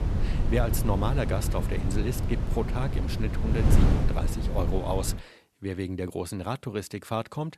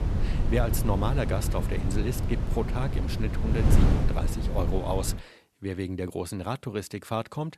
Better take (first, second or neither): neither